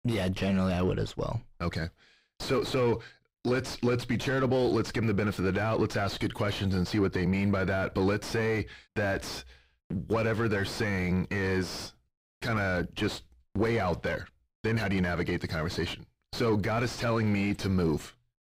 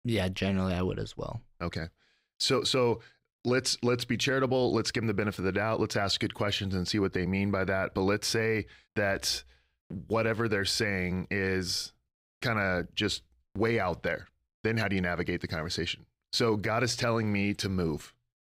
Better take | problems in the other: second | distortion; heavy; 5 dB below the speech

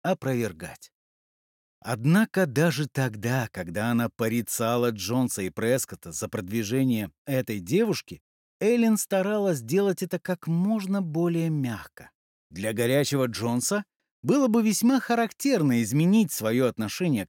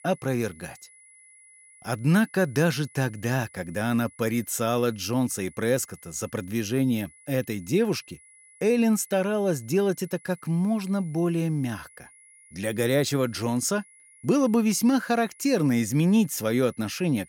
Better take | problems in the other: first | high-pitched whine; faint; throughout; 10 kHz, 25 dB below the speech

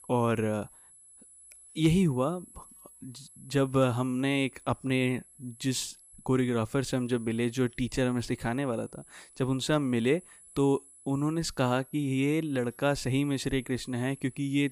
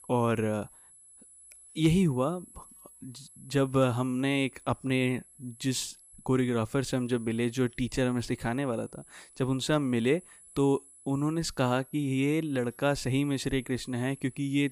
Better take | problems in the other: neither | high-pitched whine; faint; throughout; 11 kHz, 20 dB below the speech; the same in both

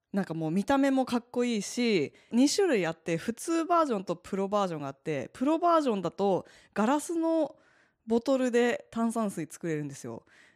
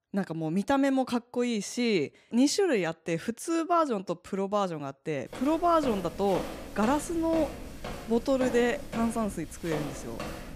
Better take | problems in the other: first | footsteps; noticeable; from 5.5 s on; peak 8 dB below the speech

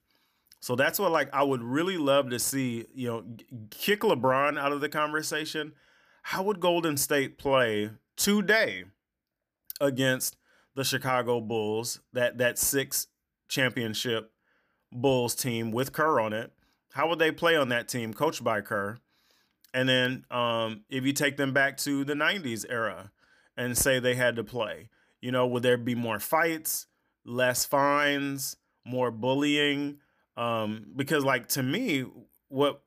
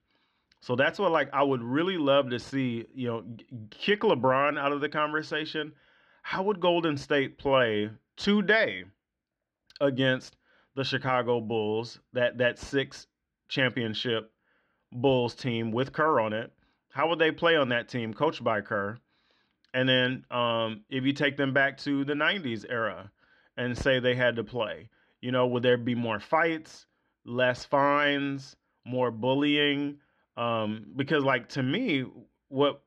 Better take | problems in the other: first | muffled; slightly; fading above 4 kHz

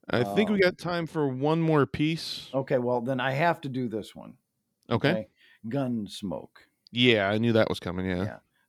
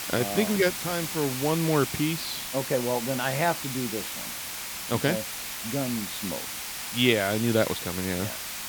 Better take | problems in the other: first | hiss; loud; throughout; 4 dB below the speech

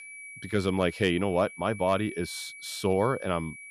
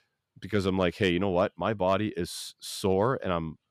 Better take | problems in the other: second | high-pitched whine; noticeable; throughout; 2.5 kHz, 15 dB below the speech

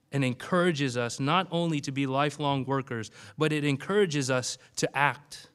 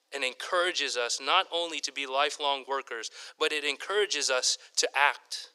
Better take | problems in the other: first | thin; very; fading below 400 Hz

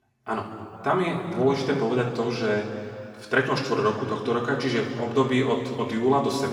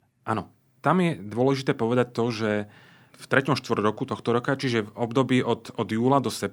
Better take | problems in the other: second | room echo; noticeable; dies away in 2.2 s // off-mic speech; far

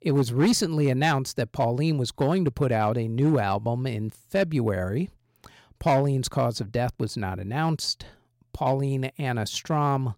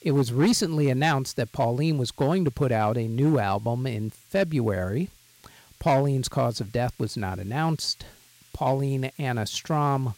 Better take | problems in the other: first | hiss; faint; throughout; 30 dB below the speech

